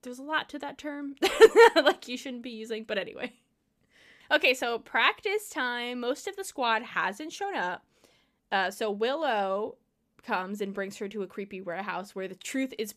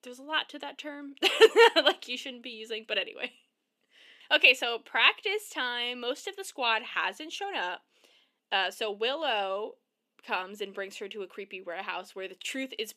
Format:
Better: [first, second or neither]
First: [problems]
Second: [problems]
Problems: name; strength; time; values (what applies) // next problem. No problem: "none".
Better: first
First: none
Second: thin; very slightly; fading below 300 Hz